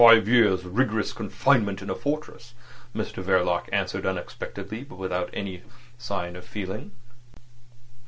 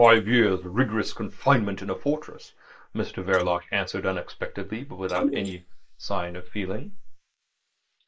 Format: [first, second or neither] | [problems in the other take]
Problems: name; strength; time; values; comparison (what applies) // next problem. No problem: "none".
first | noise reduction (neural mask model Resemble Enhance denoiser)